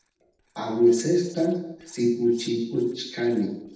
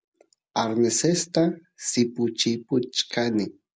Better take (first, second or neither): second